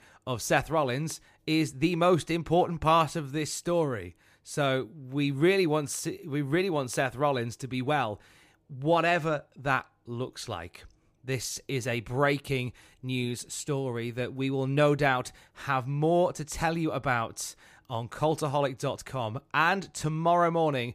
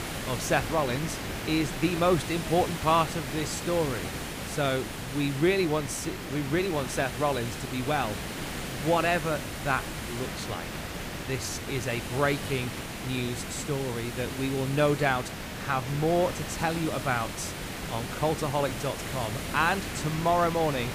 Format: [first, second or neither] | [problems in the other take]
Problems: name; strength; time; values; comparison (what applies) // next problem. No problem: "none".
first | hiss; loud; throughout; 6 dB below the speech